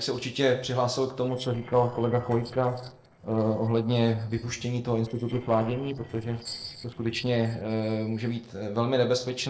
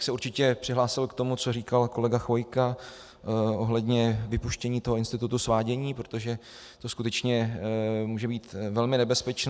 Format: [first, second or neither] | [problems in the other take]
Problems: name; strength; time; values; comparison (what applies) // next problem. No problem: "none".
second | noise reduction (neural separator model SepFormer DNS4)